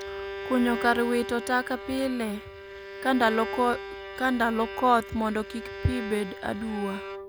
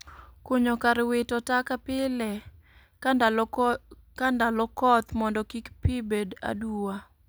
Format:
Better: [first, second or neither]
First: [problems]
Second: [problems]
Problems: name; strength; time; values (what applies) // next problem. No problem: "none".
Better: second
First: background sound (Bowed string instrument); 9 dB below the speech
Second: none